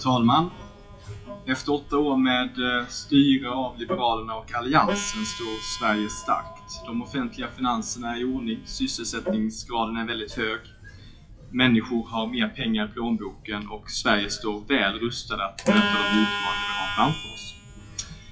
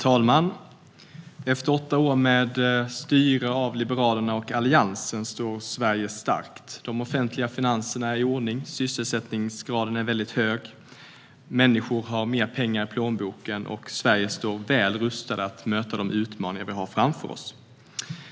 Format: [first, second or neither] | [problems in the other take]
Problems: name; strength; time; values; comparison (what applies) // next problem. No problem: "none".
second | noise reduction (classical method WPE with log-MMSE)